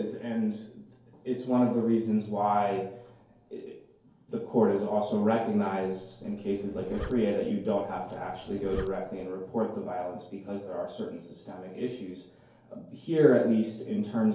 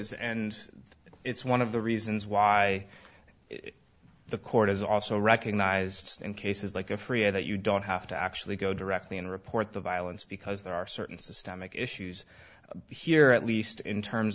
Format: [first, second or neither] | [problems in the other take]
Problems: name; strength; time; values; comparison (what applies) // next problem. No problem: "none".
second | background sound (Zipper (clothing)); 15 dB below the speech // room echo; dies away in 2.4 s